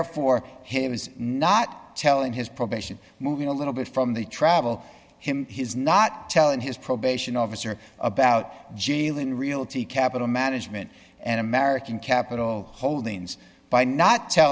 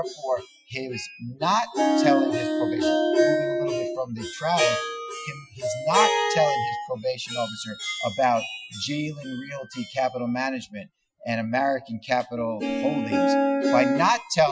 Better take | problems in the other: first | noise reduction (classical method Wiener filter)

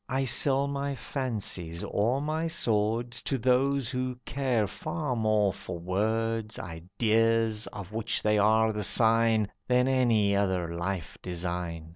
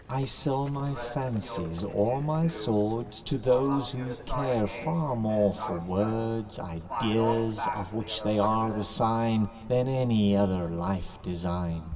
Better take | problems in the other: first | background sound (Livestock, farm animals, working animals); 12 dB below the speech // room echo; dies away in 2.4 s

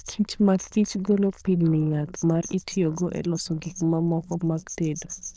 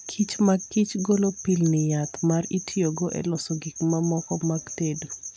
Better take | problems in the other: second | noise reduction (neural diffusion model UNIVERSE++)

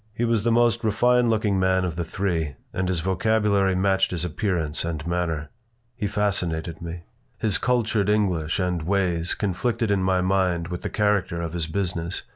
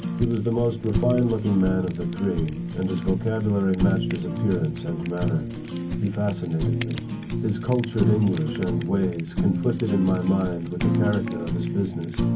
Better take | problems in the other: first | background sound (Fire); 2 dB below the speech // room echo; dies away in 0.3 s

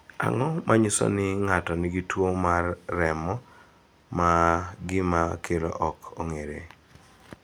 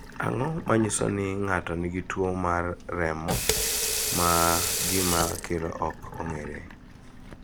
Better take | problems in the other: first | background sound (Sink (filling or washing) / Water tap, faucet); 3 dB below the speech

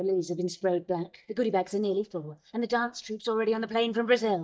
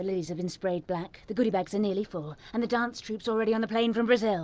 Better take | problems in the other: second | noise reduction (neural mask model DeepFilterNet 3)

